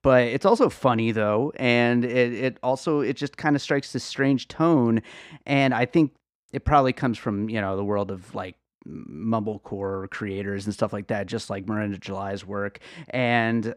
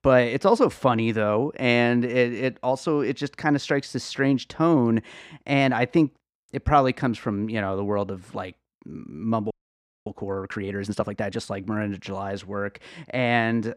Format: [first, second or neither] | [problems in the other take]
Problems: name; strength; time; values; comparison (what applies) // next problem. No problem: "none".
first | audio freezing; at 9.5 s for 0.5 s